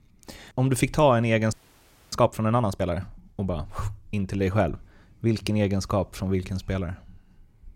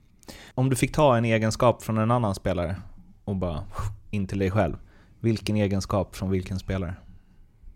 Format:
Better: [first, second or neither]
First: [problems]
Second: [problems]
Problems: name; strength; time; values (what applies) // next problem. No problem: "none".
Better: second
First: audio freezing; at 1.5 s for 0.5 s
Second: none